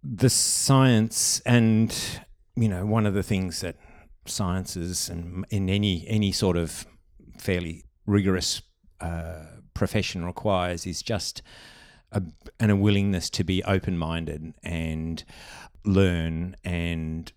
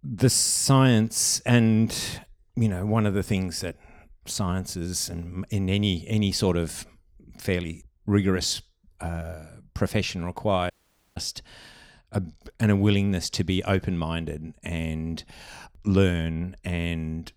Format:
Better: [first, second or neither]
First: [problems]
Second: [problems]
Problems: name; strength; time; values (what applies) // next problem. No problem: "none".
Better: first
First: none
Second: audio cutting out; at 11 s